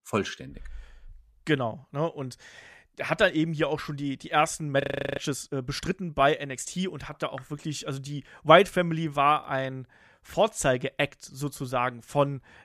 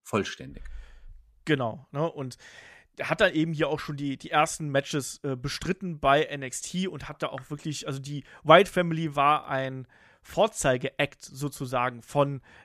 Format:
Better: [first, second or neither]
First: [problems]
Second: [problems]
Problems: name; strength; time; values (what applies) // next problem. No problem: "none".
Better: second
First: audio freezing; at 5 s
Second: none